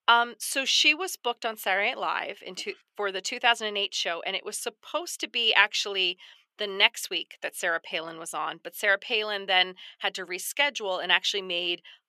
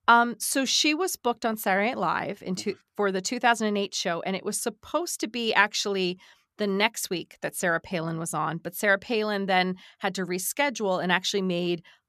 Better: second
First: thin; somewhat; fading below 450 Hz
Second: none

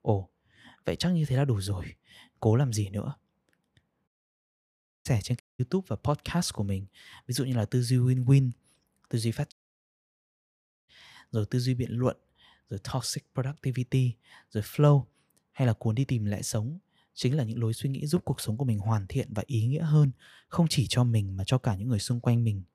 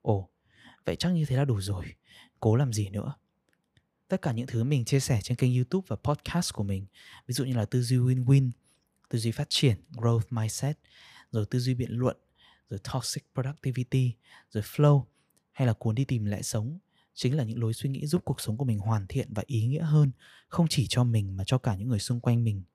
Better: second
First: audio cutting out; at 4 s for 1 s, at 5.5 s and at 9.5 s for 1.5 s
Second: none

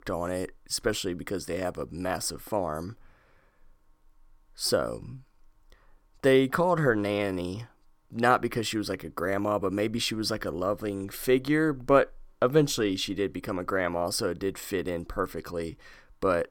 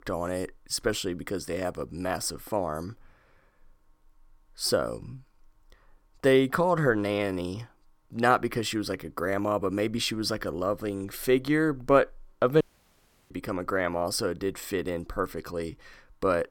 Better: first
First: none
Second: audio cutting out; at 13 s for 0.5 s

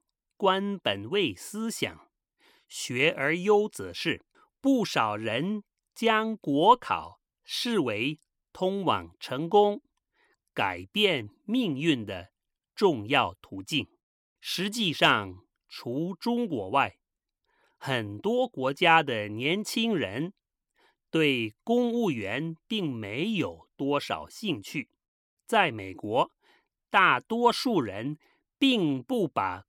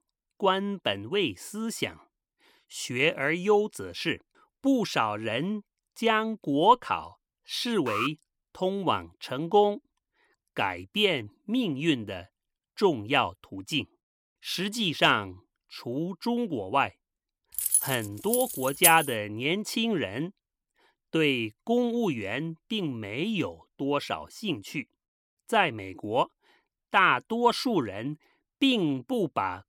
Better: first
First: none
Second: alarm; noticeable; at 8 s; peak 6 dB below the speech // jangling keys; loud; from 18 to 19 s; peak 5 dB above the speech

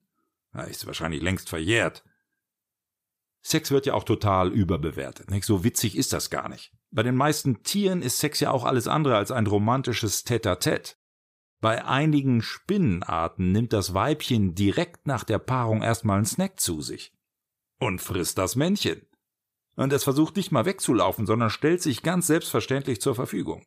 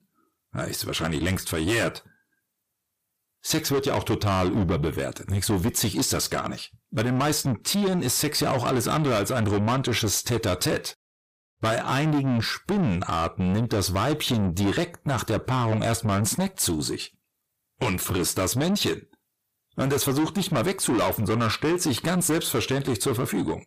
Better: first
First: none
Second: distortion; heavy; 7 dB below the speech

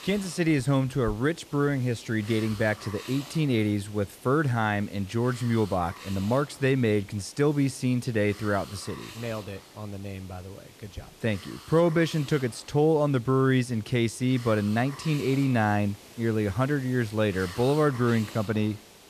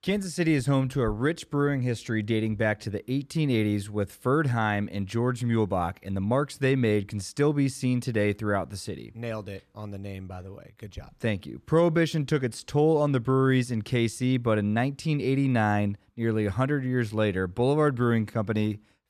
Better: second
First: hiss; noticeable; throughout; 20 dB below the speech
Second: none

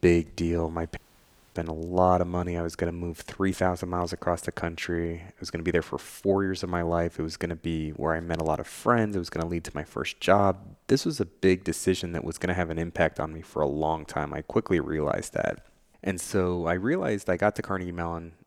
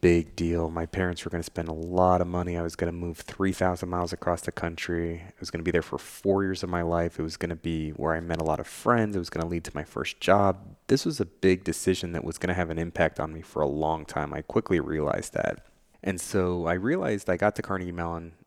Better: second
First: audio cutting out; at 1 s for 0.5 s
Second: none

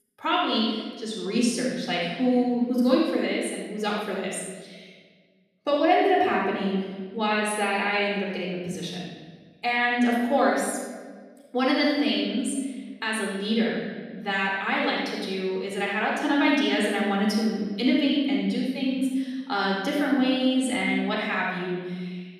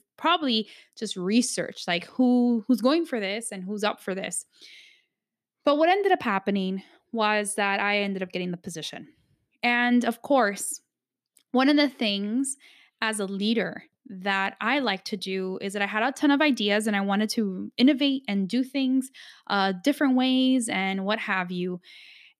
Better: second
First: off-mic speech; far // room echo; strong; dies away in 1.4 s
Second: none

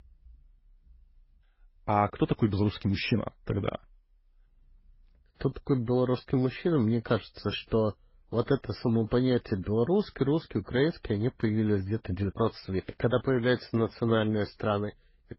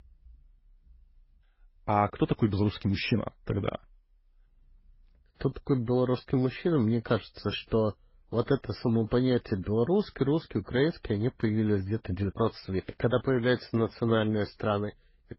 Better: neither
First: garbled, watery; badly; nothing above 5.5 kHz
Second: garbled, watery; badly; nothing above 5.5 kHz

